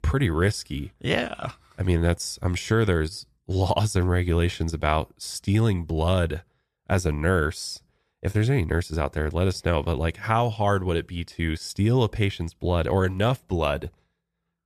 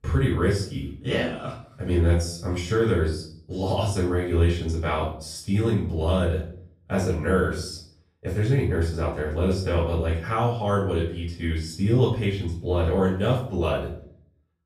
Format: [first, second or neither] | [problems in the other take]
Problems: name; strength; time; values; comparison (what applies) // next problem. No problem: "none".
first | off-mic speech; far // room echo; noticeable; dies away in 0.5 s